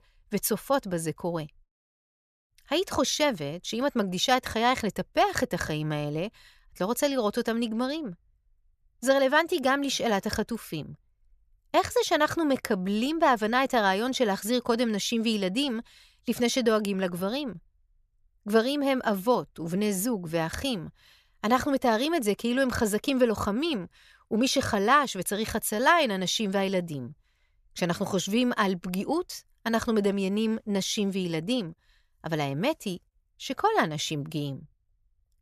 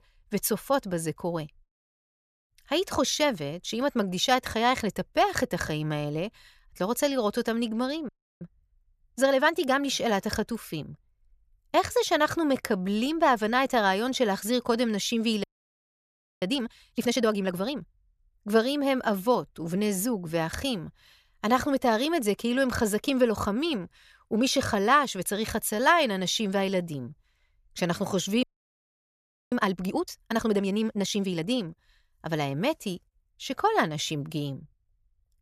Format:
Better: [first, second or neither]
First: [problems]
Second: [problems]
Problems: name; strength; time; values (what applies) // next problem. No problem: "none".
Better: first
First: none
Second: audio freezing; at 8 s, at 15 s for 1 s and at 28 s for 1 s